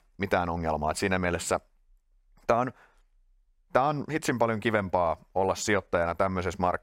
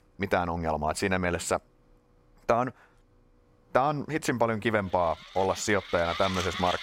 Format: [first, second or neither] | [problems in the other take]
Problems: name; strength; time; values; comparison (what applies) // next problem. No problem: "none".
first | machinery noise; loud; throughout; 9 dB below the speech